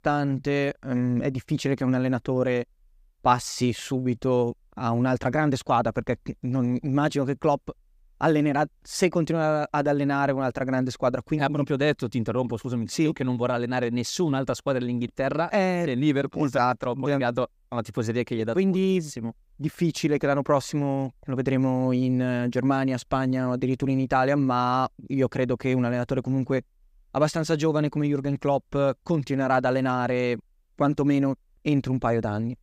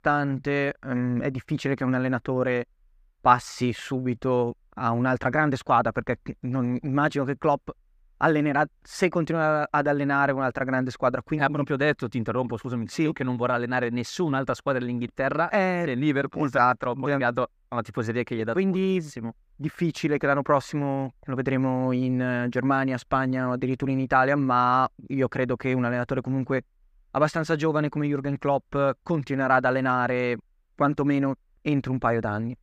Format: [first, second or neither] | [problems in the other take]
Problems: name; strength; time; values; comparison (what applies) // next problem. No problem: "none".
first | muffled; very slightly; fading above 3.5 kHz